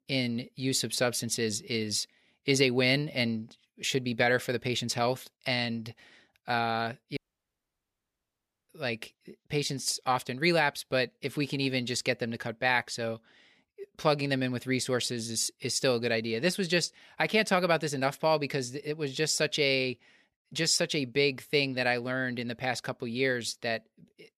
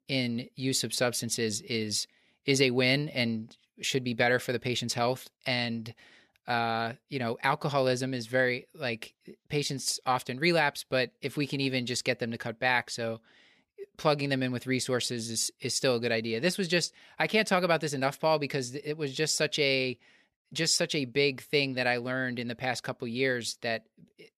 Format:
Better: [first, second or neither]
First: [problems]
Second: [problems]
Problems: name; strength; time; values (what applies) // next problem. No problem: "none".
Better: second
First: audio cutting out; at 7 s for 1.5 s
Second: none